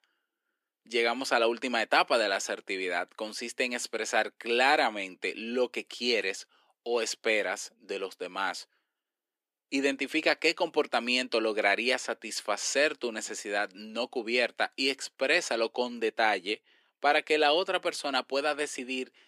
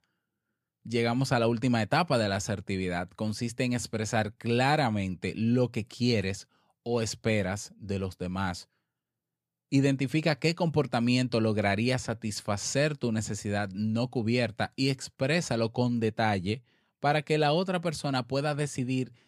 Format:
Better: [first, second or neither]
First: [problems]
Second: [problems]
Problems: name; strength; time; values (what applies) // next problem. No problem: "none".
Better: second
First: thin; somewhat; fading below 300 Hz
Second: none